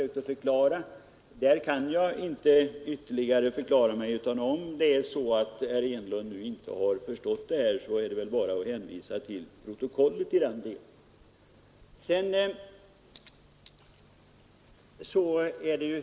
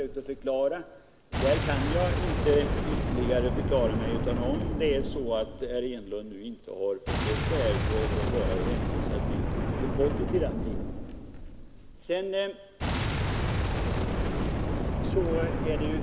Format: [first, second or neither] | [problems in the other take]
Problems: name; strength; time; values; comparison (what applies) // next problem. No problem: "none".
first | background sound (Boom); 2 dB above the speech